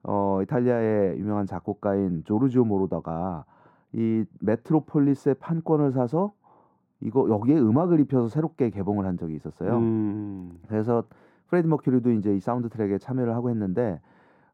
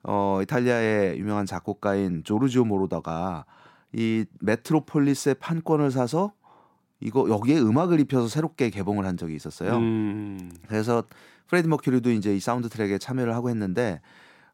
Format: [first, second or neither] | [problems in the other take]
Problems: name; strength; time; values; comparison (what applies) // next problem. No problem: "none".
second | muffled; very; fading above 2 kHz